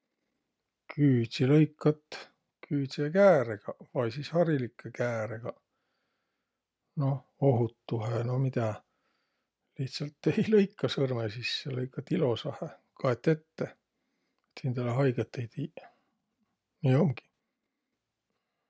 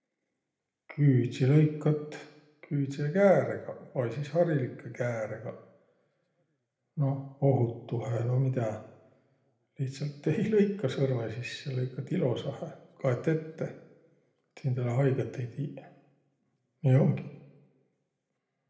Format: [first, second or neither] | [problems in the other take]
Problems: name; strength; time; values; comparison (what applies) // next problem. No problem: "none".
first | room echo; dies away in 0.7 s